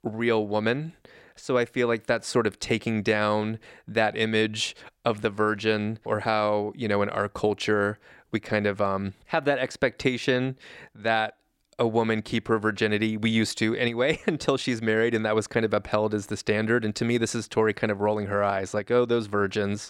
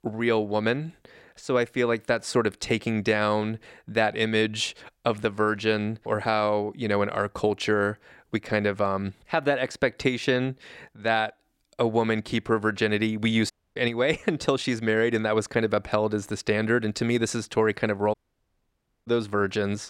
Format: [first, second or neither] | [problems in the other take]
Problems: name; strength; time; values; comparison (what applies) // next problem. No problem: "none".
first | audio cutting out; at 14 s and at 18 s for 1 s